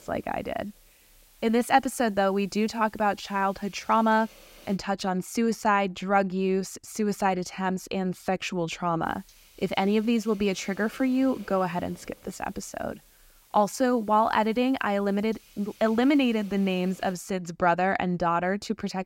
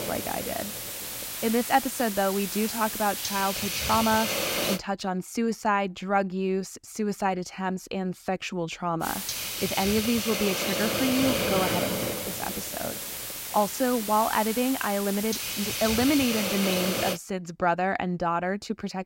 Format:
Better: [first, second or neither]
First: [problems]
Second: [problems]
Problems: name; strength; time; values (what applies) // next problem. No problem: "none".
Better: first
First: hiss; faint; until 5 s and from 9 to 17 s; 25 dB below the speech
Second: hiss; loud; until 5 s and from 9 to 17 s; 1 dB below the speech